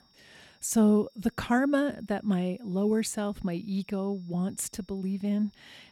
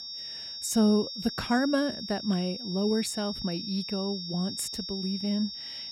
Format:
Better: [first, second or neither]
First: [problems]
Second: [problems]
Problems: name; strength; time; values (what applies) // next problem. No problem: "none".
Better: first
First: high-pitched whine; faint; throughout; 5.5 kHz, 35 dB below the speech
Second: high-pitched whine; loud; throughout; 5.5 kHz, 6 dB below the speech